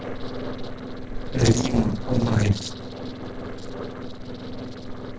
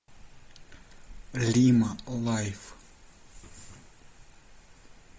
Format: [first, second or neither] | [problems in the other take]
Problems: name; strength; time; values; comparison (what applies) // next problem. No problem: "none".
second | noise reduction (neural separator model SepFormer DNS4)